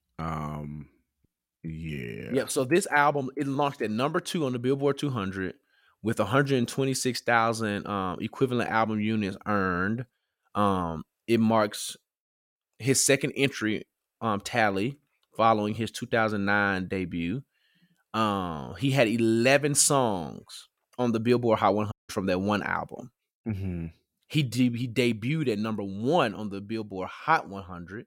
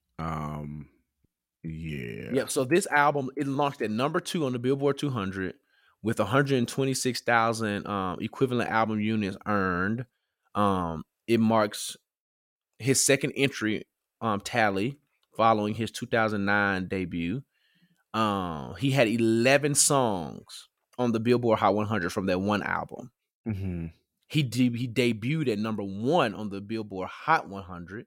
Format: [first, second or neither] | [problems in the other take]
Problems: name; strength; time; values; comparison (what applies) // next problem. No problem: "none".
second | audio cutting out; at 22 s